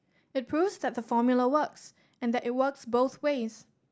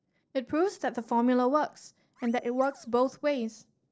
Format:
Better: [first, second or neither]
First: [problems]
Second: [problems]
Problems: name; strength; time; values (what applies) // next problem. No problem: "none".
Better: first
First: none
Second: noise reduction (neural separator model SepFormer DNS4)